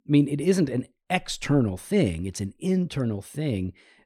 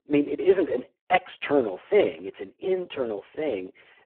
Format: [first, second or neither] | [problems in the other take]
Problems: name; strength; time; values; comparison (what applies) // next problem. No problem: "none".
first | phone-call audio; poor line